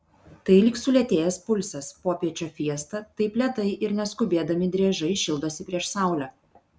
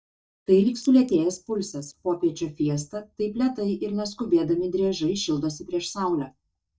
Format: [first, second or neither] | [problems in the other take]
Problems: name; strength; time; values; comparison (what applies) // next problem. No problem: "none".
first | noise reduction (neural mask model DeepFilterNet 3)